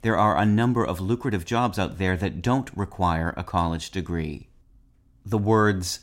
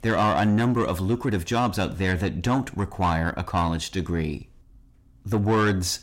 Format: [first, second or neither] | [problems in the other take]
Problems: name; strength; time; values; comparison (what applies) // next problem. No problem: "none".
first | distortion; slight; 10 dB below the speech